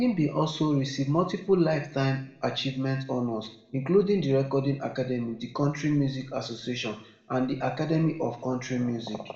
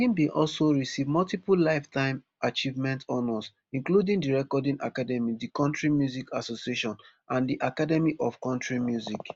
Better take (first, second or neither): second